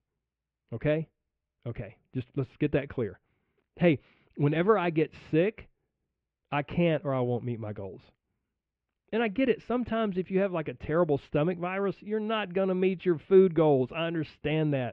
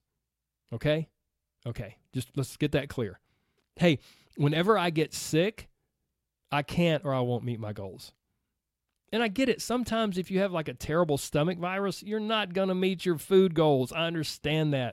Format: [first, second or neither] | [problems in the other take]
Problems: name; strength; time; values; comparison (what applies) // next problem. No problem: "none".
second | muffled; very; fading above 2.5 kHz